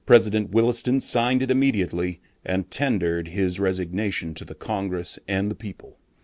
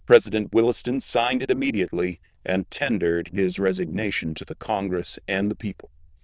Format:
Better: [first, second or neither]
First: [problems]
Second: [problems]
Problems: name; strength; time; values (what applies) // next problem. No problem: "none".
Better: first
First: none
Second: noise reduction (neural diffusion model UNIVERSE++)